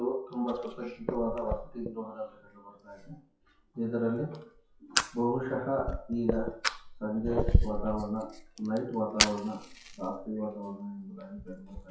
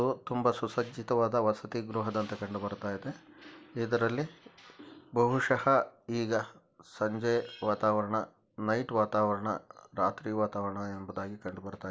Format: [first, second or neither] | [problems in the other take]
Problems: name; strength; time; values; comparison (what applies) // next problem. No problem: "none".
second | noise reduction (classical method WPE with log-MMSE)